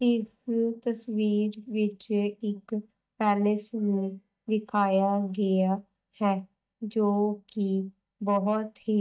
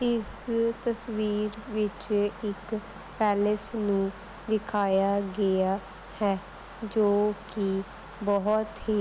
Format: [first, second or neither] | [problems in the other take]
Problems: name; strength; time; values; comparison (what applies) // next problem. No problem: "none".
second | noise reduction (neural mask model DeepFilterNet 3)